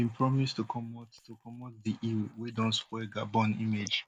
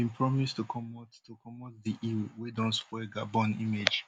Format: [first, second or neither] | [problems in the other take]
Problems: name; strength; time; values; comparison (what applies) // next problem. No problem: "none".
second | noise reduction (neural mask model Resemble Enhance denoiser)